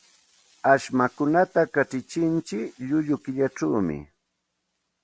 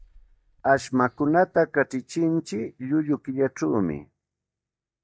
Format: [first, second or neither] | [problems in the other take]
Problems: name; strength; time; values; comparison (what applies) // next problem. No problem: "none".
first | noise reduction (neural mask model DeepFilterNet 3)